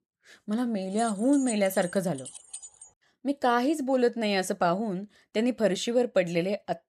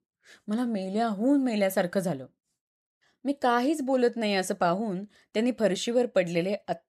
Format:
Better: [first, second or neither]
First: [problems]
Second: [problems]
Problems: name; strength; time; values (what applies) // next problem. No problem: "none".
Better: second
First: jangling keys; noticeable; from 1 to 3 s; peak 10 dB below the speech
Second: none